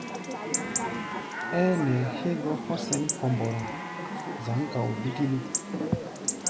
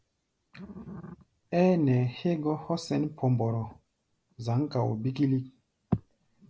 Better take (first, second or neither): second